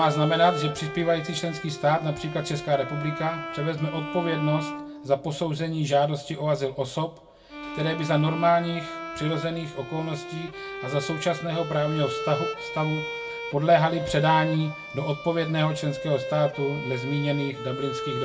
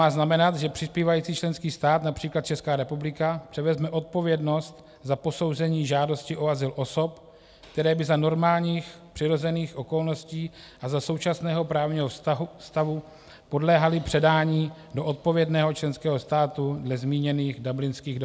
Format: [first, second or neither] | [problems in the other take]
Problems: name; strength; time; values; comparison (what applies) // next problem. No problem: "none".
second | background sound (Bowed string instrument); 9 dB below the speech // room echo; dies away in 0.2 s